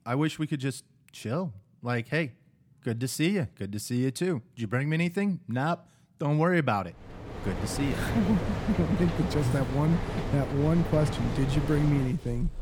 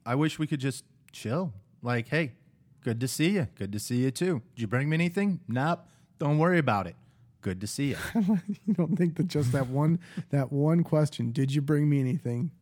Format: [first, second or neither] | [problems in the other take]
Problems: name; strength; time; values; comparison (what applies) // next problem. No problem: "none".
second | machinery noise; loud; from 7.5 s on; 5 dB below the speech